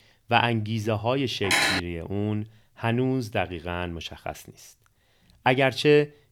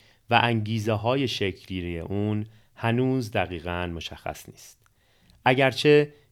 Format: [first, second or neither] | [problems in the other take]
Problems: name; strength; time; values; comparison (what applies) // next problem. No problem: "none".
second | clattering dishes; loud; at 1.5 s; peak 4 dB above the speech